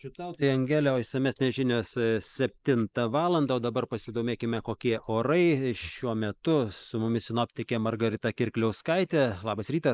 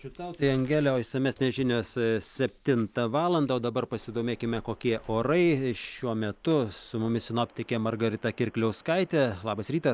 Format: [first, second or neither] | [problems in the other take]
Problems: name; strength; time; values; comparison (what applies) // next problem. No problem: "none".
second | noise reduction (neural mask model Resemble Enhance denoiser)